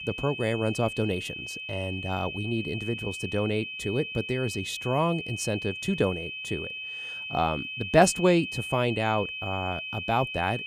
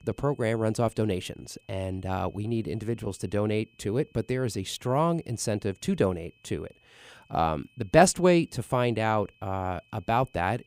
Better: second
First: high-pitched whine; loud; throughout; 2.5 kHz, 6 dB below the speech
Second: high-pitched whine; faint; throughout; 2.5 kHz, 35 dB below the speech

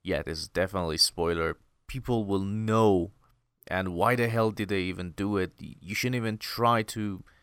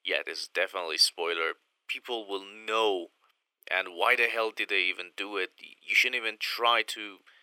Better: first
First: none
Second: thin; very; fading below 350 Hz

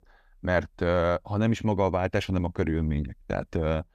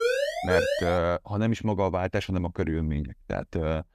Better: first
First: none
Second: siren; loud; at the start; peak 2 dB above the speech

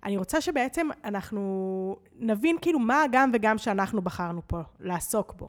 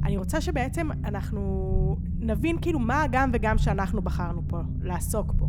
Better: first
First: none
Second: low rumble; noticeable; throughout; 15 dB below the speech

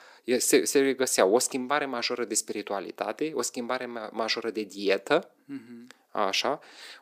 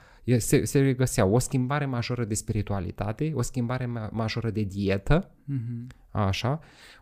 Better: second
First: thin; somewhat; fading below 300 Hz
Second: none

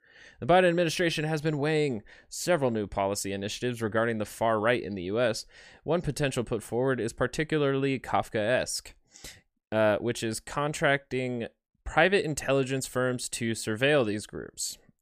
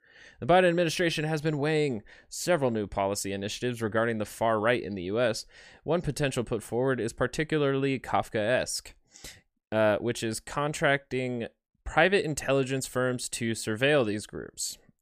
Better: neither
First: none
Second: none

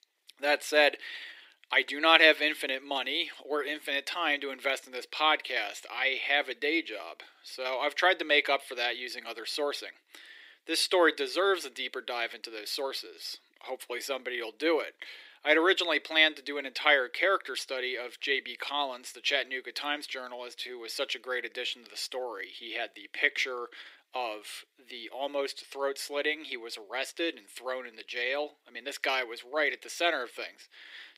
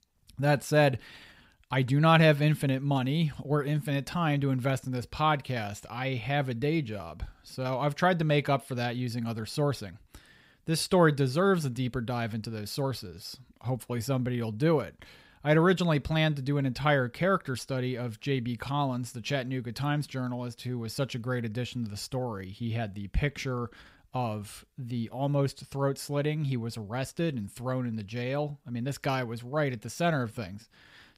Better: second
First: thin; very; fading below 300 Hz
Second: none

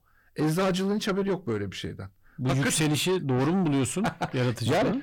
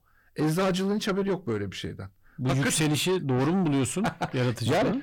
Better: neither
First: distortion; heavy; 7 dB below the speech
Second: distortion; heavy; 7 dB below the speech

